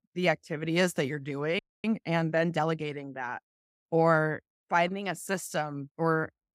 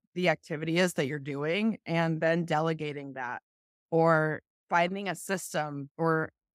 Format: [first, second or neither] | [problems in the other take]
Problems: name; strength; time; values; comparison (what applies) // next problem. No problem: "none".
second | audio freezing; at 1.5 s